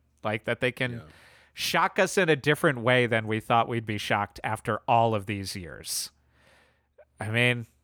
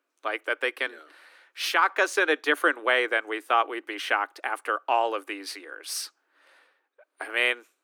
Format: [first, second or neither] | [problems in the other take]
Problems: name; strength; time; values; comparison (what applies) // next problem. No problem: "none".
first | thin; very; fading below 300 Hz